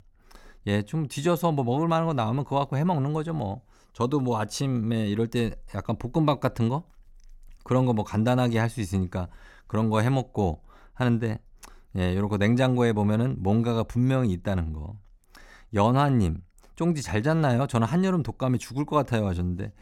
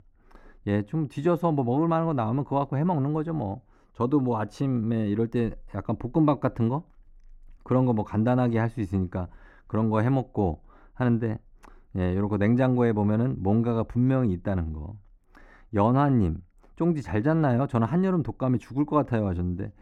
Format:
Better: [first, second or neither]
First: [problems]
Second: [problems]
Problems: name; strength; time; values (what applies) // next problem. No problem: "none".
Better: first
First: none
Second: muffled; slightly; fading above 3 kHz